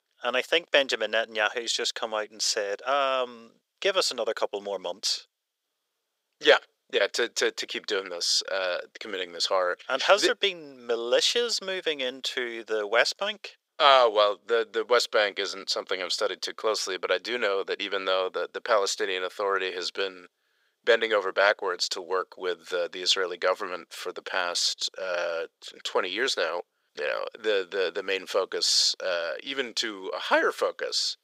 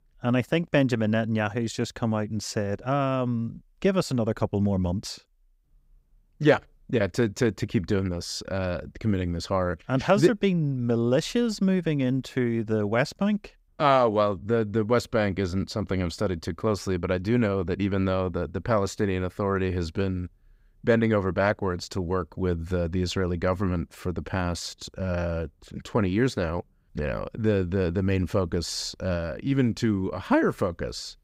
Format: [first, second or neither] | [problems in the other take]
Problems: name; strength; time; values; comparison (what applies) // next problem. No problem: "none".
second | thin; very; fading below 450 Hz